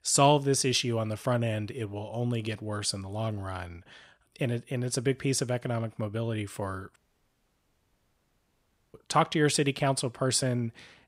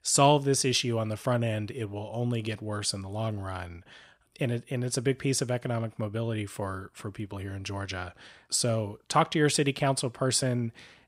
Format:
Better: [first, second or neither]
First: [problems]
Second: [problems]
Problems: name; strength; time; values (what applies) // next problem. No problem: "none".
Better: second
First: audio cutting out; at 7 s for 2 s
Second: none